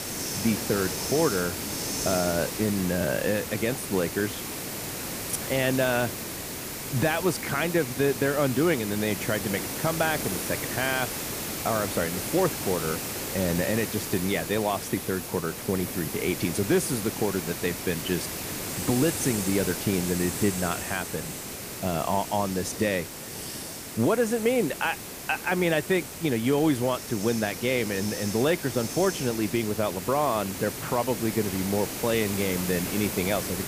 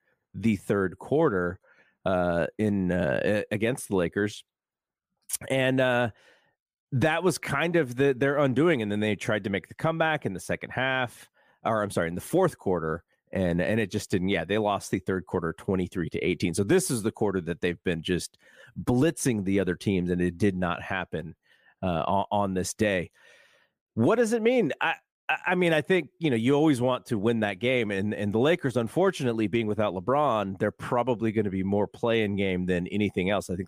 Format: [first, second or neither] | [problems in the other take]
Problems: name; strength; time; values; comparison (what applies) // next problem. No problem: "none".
second | hiss; loud; throughout; 5 dB below the speech